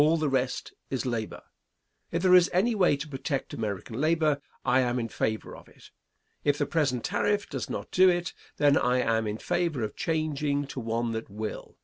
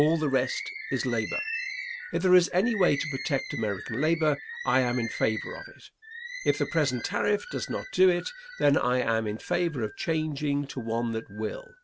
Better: first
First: none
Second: background sound (Bird); 11 dB below the speech

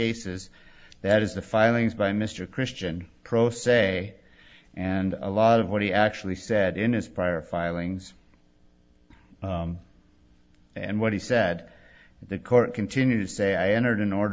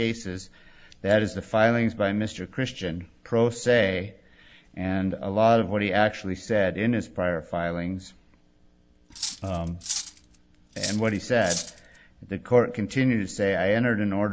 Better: first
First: none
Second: background sound (Cutlery, silverware); 10 dB below the speech

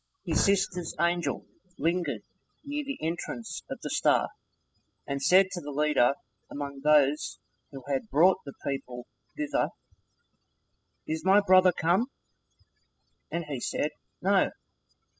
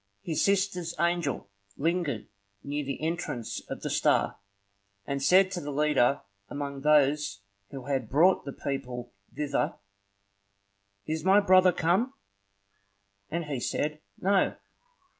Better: second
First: noise reduction (classical method spectral subtraction)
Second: none

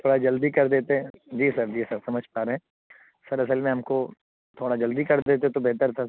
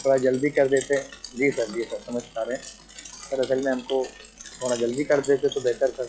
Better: first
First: none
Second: noise reduction (classical method log-MMSE)

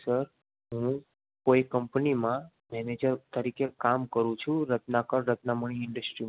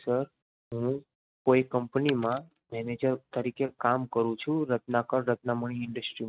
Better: first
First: none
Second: noise reduction (neural mask model RNNoise)

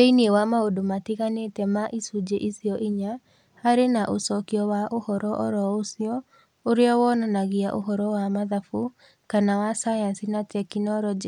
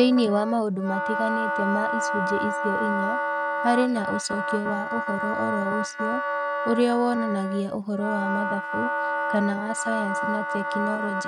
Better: first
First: none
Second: noise reduction (neural mask model RNNoise)

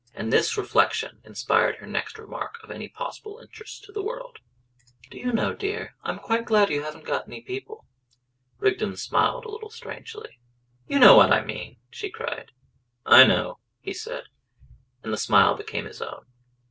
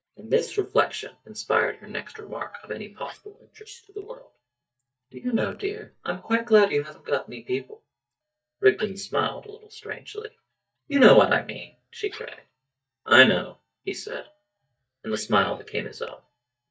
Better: first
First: none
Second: noise reduction (neural mask model DeepFilterNet 3)

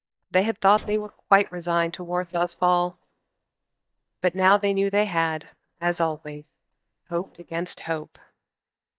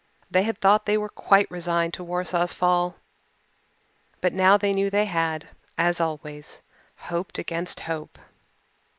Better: second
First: noise reduction (neural mask model DeepFilterNet 3)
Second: none

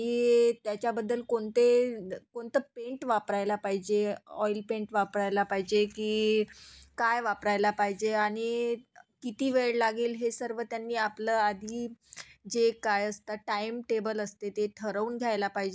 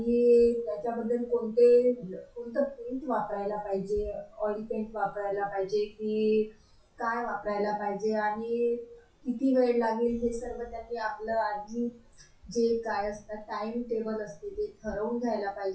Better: first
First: none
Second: noise reduction (classical method WPE with log-MMSE)

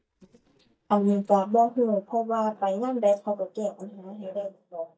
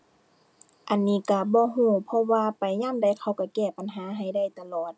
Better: second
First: noise reduction (neural mask model DeepFilterNet 3)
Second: none

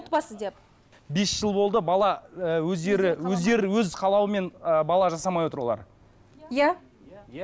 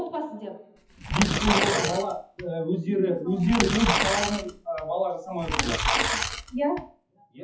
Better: first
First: none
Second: noise reduction (classical method WPE with log-MMSE)

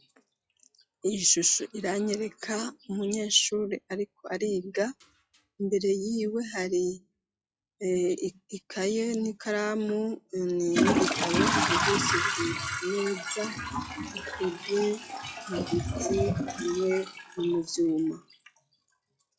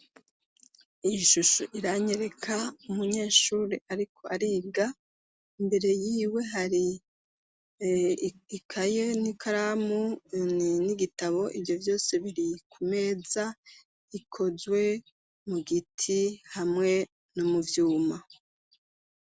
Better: second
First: noise reduction (classical method log-MMSE)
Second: none

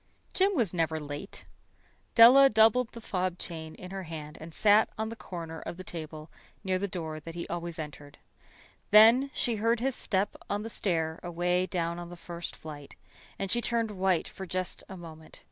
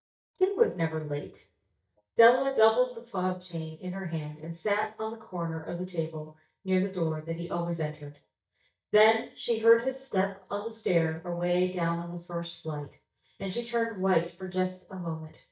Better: first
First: none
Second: noise reduction (neural mask model DeepFilterNet 3)

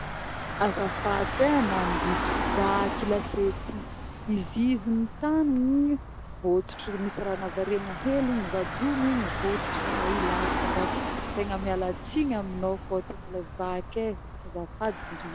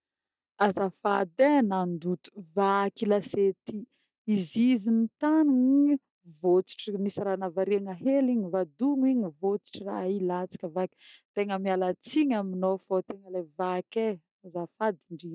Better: second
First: background sound (Engine / Car); 4 dB below the speech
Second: none

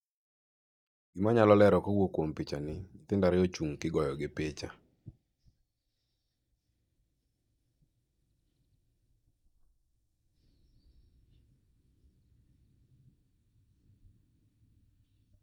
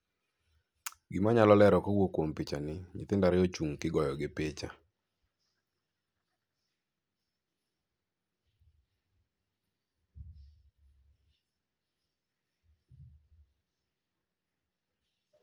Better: second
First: noise reduction (neural mask model DeepFilterNet 3)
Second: none

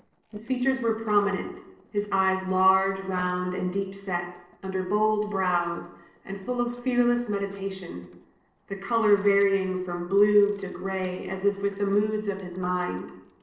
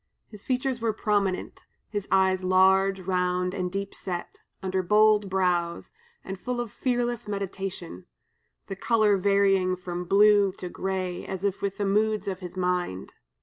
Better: second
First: noise reduction (neural separator model SepFormer DNS4)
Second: none

